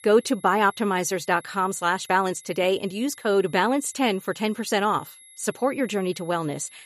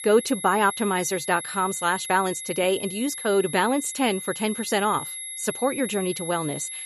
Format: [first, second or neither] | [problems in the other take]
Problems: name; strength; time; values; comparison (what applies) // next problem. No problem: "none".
first | high-pitched whine; loud; throughout; 11 kHz, 8 dB below the speech; faint in the first